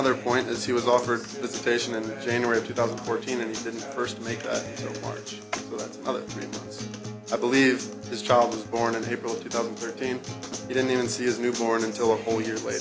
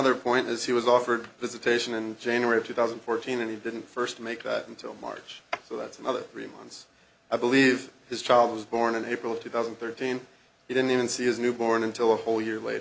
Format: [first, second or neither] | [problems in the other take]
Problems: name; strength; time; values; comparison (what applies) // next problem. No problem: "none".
second | background sound (Acoustic guitar); 9 dB below the speech